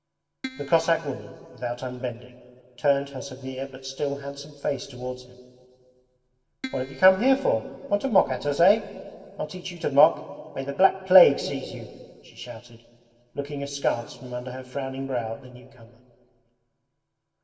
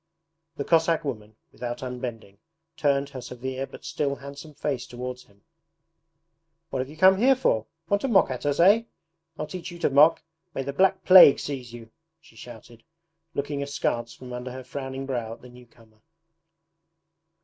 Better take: second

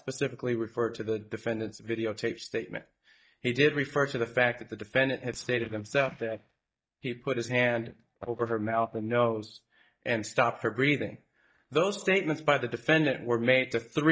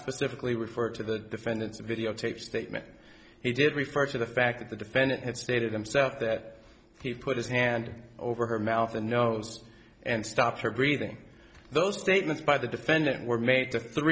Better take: second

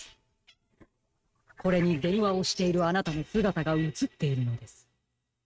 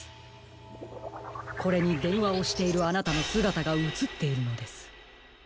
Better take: second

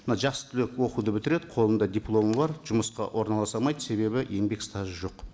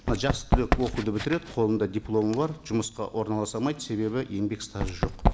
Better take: first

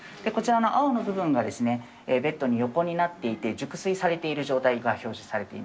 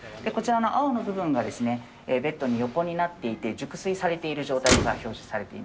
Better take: first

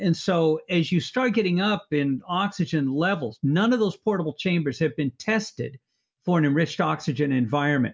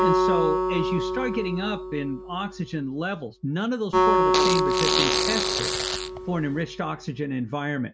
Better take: first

